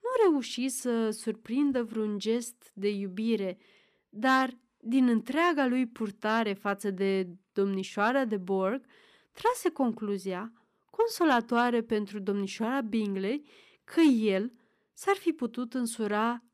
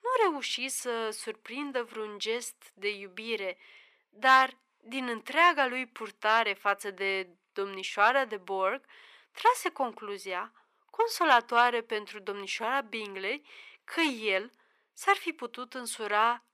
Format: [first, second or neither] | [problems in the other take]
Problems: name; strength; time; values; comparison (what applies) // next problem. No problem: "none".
first | thin; very; fading below 650 Hz